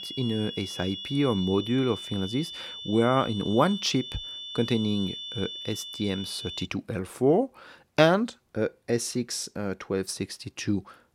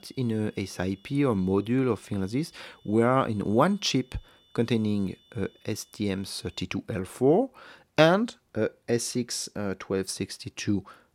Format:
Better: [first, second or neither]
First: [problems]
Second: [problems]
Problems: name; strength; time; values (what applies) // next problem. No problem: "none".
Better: second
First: high-pitched whine; loud; until 6.5 s; 3.5 kHz, 8 dB below the speech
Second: high-pitched whine; faint; until 6.5 s; 3.5 kHz, 30 dB below the speech